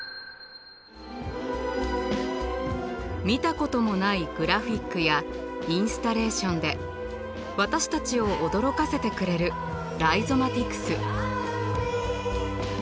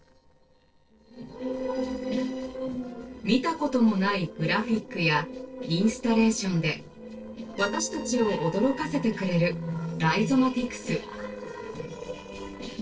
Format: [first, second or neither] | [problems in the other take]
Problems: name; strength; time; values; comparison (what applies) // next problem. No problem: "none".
first | noise reduction (neural separator model SepFormer DNS4)